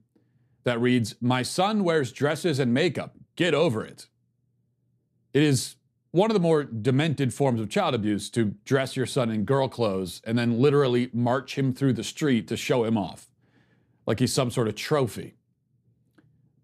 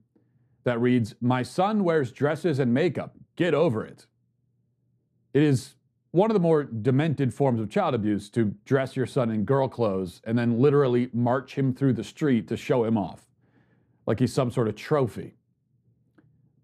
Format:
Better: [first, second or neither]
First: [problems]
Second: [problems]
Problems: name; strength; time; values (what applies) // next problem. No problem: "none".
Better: first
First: none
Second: muffled; slightly; fading above 2 kHz